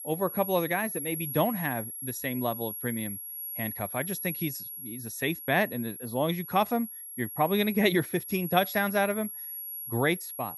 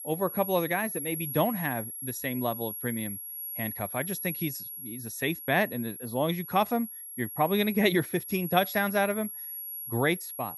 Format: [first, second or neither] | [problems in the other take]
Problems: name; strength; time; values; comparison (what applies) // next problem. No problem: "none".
neither | high-pitched whine; loud; throughout; 11.5 kHz, 7 dB below the speech; the same in both